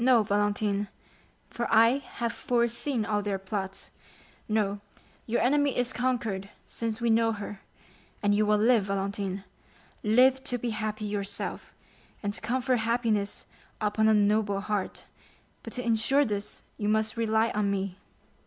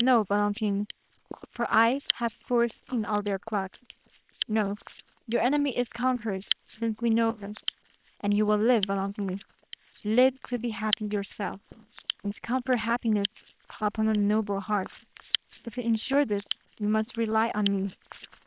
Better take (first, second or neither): first